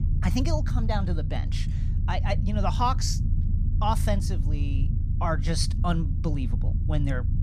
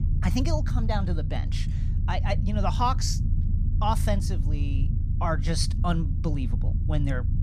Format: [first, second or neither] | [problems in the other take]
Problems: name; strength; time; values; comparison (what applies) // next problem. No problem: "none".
neither | low rumble; noticeable; throughout; 10 dB below the speech; the same in both